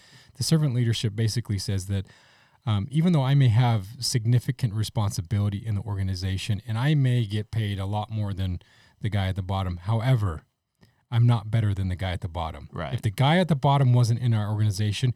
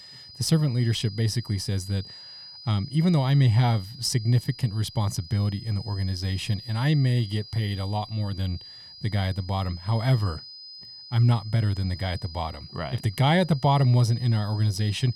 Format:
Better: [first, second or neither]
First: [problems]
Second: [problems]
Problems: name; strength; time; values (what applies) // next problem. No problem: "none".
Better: first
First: none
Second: high-pitched whine; noticeable; throughout; 5 kHz, 15 dB below the speech